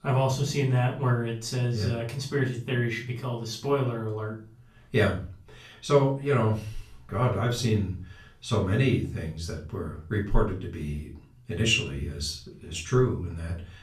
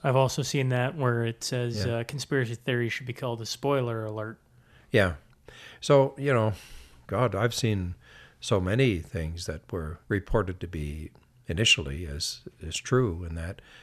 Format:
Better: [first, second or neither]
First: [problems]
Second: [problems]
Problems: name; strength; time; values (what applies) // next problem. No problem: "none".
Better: second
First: off-mic speech; far // room echo; slight; dies away in 0.3 s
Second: none